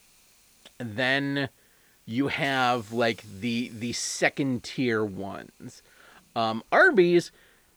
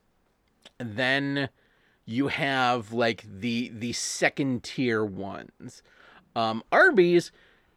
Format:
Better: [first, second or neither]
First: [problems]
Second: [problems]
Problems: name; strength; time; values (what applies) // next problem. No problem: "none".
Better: second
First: hiss; faint; throughout; 30 dB below the speech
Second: none